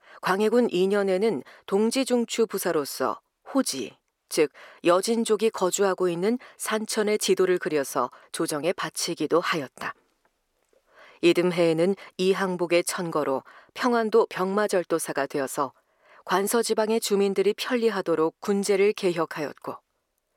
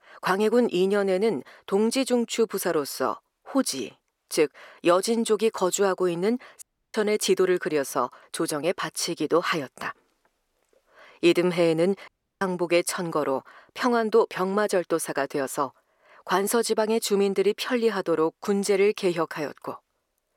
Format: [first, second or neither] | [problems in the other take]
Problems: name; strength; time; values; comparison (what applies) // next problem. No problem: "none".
first | audio cutting out; at 6.5 s and at 12 s